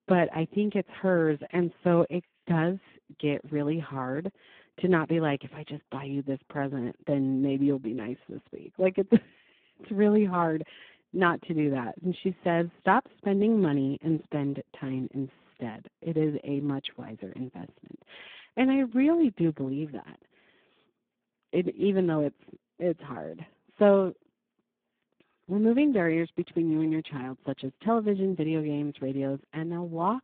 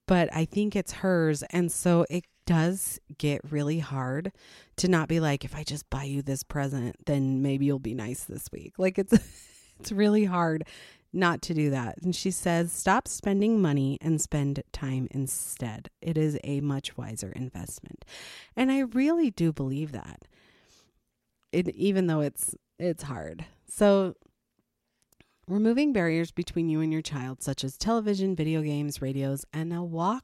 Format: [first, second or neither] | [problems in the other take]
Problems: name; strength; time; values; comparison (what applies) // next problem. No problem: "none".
second | phone-call audio; poor line